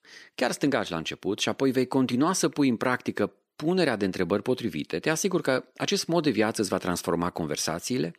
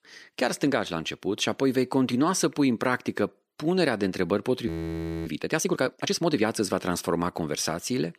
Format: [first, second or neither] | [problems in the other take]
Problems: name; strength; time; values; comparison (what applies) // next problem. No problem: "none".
first | audio freezing; at 4.5 s for 0.5 s